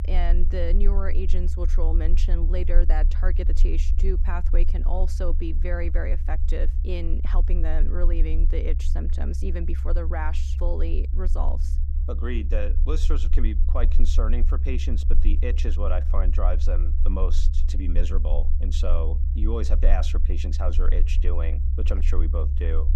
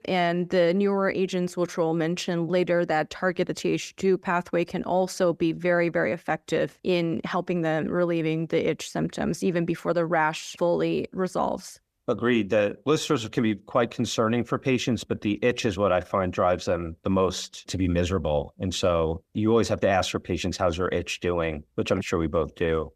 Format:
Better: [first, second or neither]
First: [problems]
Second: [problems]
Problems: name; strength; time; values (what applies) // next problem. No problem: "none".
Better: second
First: low rumble; noticeable; throughout; 10 dB below the speech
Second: none